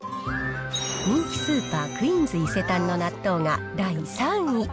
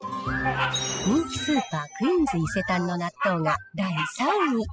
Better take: first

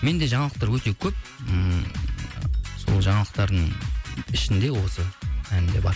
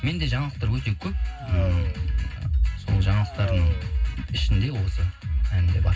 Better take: first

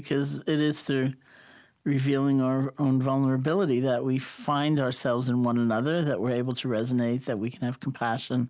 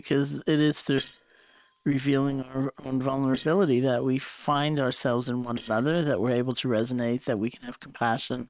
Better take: first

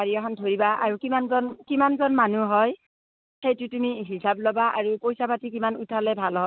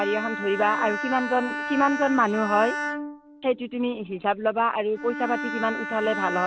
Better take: first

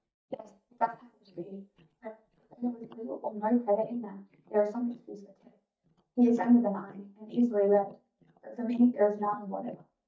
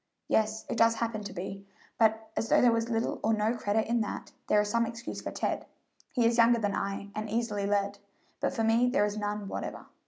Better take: second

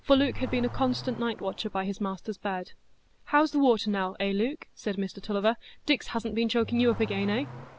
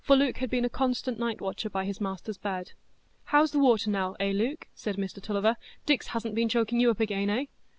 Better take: second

